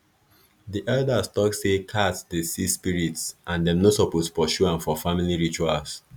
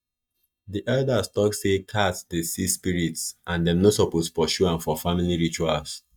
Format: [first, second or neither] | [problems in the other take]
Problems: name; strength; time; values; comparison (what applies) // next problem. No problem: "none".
first | noise reduction (neural mask model DeepFilterNet 3)